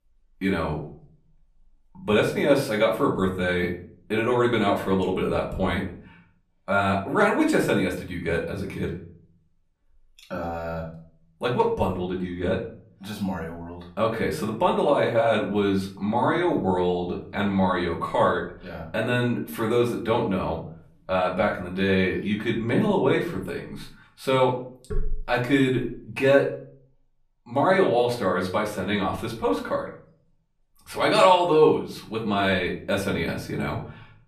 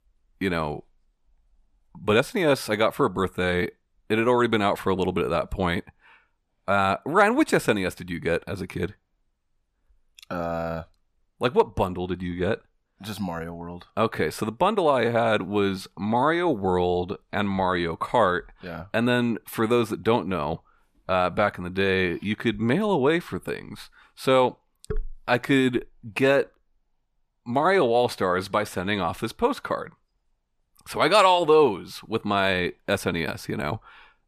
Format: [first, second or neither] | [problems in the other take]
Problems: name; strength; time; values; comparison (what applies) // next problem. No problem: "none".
second | off-mic speech; far // room echo; slight; dies away in 0.4 s